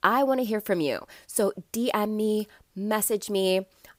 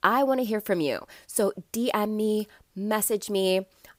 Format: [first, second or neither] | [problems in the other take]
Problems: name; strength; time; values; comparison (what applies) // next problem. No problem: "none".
neither | none